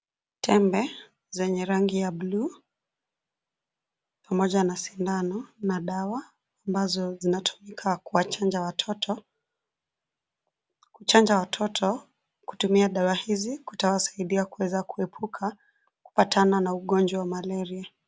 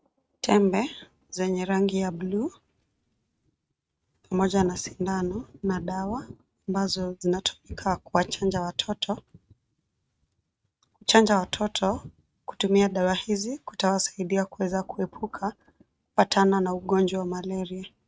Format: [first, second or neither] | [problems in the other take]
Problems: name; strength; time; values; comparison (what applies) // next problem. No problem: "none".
first | noise reduction (neural mask model RNNoise)